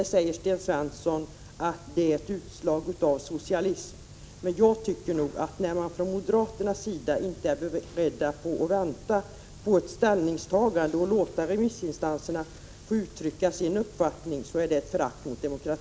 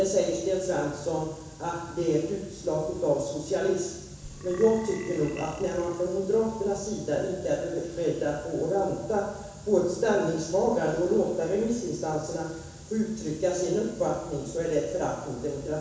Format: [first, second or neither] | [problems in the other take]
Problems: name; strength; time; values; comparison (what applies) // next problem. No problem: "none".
first | background sound (Burping, eructation); 18 dB below the speech // room echo; dies away in 1.1 s